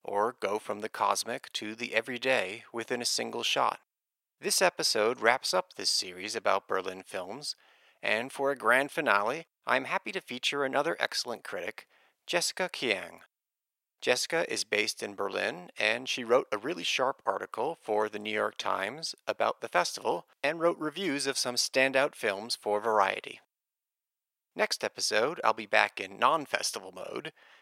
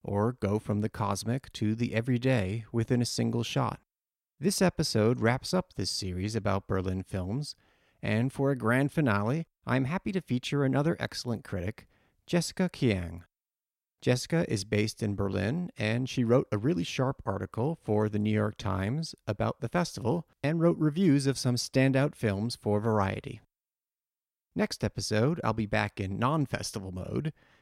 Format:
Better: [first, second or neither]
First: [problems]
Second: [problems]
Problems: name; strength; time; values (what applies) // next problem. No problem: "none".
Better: second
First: thin; very; fading below 650 Hz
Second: none